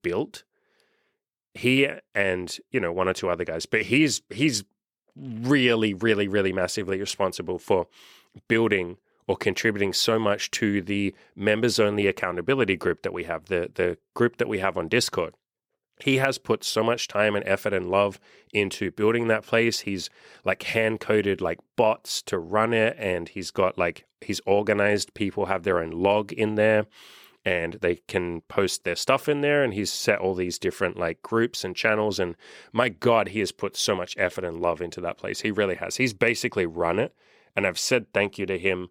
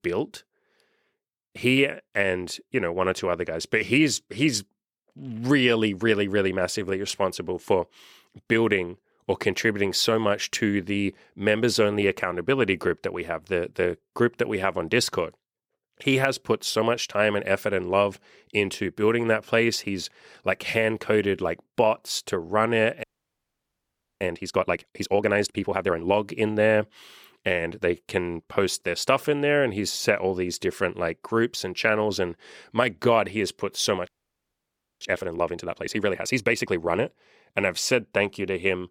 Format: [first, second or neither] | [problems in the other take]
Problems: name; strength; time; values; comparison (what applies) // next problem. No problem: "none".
first | audio freezing; at 23 s for 1 s and at 34 s for 1 s